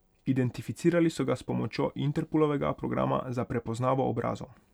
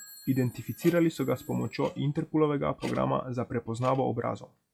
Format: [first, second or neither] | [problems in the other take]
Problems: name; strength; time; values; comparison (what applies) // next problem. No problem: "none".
first | noise reduction (classical method log-MMSE)